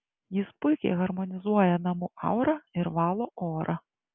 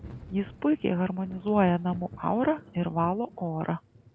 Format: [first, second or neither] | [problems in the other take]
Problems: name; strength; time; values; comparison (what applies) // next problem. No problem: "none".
first | background sound (Thunder / Rain); 19 dB below the speech